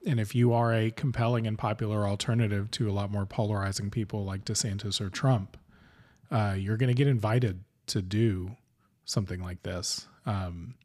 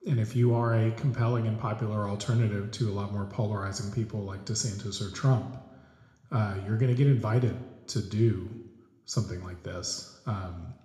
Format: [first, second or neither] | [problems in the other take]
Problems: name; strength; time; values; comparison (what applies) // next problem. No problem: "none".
first | room echo; slight; dies away in 0.7 s // off-mic speech; somewhat distant